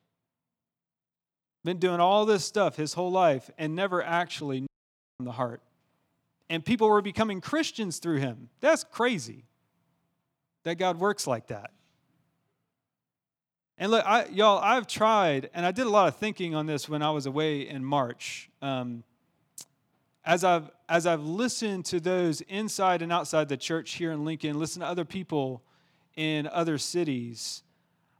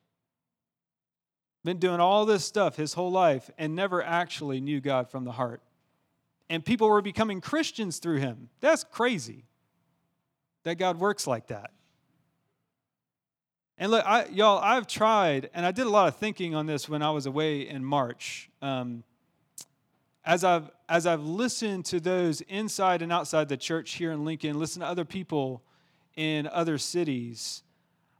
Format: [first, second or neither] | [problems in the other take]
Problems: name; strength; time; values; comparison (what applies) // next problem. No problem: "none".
second | audio cutting out; at 4.5 s for 0.5 s